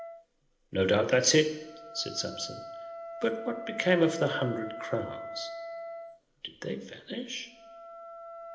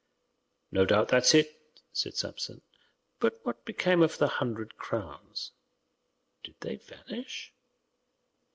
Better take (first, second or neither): second